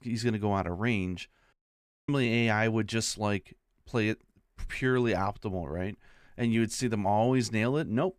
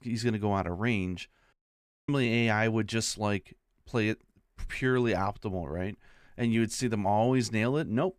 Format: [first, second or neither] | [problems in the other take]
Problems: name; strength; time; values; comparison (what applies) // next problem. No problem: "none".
neither | audio cutting out; at 1.5 s for 0.5 s; the same in both